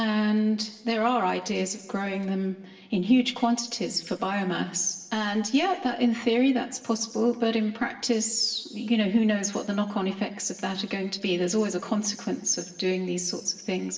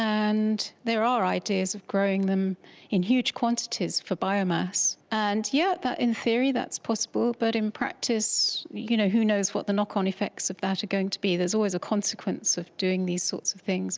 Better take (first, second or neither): second